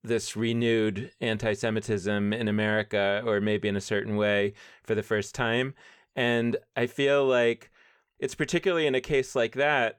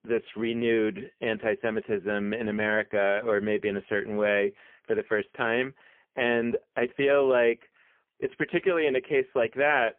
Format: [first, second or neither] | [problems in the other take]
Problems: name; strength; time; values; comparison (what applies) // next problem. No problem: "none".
first | phone-call audio; poor line; nothing above 3.5 kHz